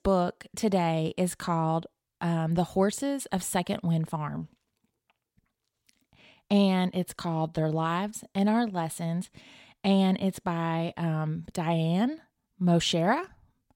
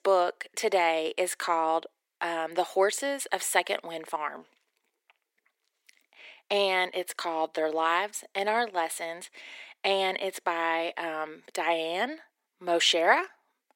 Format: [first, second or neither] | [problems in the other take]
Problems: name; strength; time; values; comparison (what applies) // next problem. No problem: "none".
first | thin; very; fading below 350 Hz